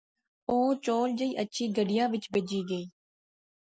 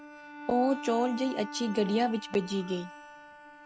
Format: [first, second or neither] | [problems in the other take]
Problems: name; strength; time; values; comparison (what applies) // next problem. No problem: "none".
first | background sound (Bowed string instrument); 13 dB below the speech